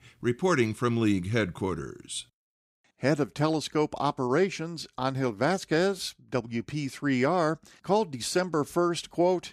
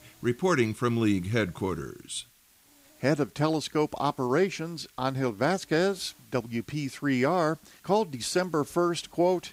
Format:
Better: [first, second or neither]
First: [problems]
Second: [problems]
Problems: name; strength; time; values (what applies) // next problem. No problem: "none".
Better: first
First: none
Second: hiss; faint; throughout; 30 dB below the speech